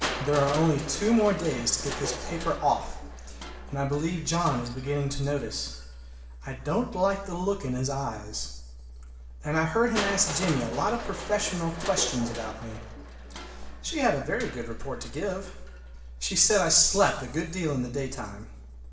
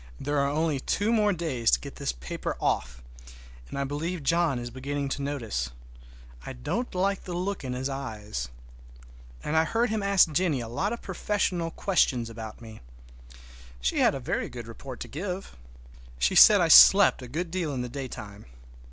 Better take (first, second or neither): second